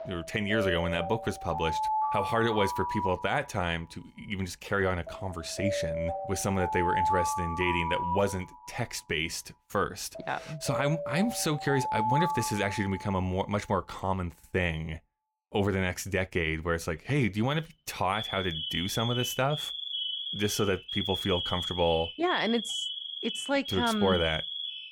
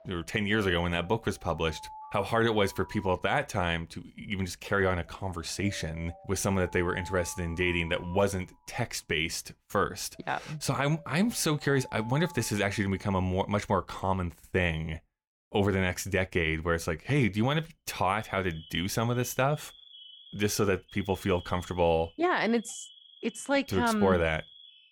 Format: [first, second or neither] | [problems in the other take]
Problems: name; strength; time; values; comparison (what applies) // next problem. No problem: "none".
second | alarms or sirens; loud; throughout; 3 dB below the speech; faint in the second